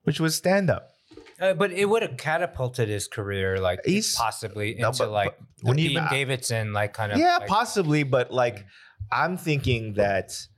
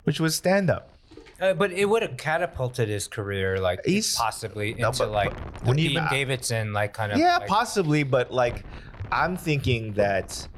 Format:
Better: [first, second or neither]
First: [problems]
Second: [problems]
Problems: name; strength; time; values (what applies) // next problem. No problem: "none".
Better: first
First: none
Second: wind noise on the microphone; occasional gusts; 25 dB below the speech